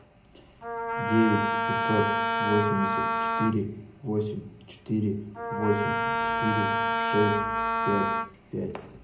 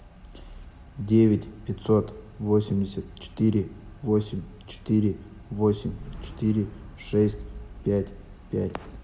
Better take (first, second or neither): second